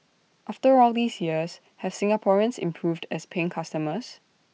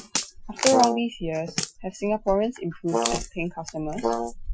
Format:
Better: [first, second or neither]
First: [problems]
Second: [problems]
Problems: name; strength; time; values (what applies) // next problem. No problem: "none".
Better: first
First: none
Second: noise reduction (classical method Wiener filter)